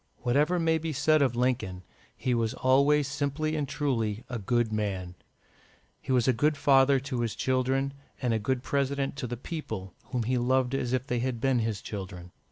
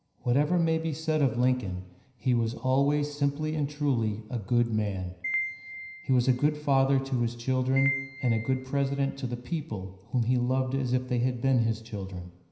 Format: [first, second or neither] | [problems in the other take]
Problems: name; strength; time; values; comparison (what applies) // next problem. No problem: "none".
first | background sound (Piano); 10 dB below the speech // room echo; dies away in 0.9 s